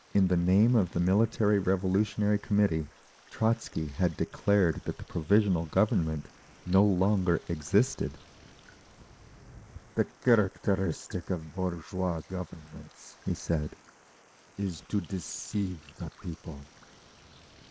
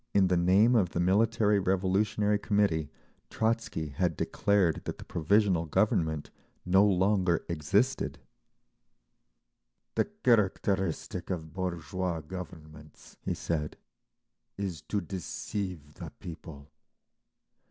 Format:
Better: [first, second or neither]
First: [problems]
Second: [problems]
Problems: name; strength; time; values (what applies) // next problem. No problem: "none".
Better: second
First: noise reduction (neural mask model Resemble Enhance denoiser)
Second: none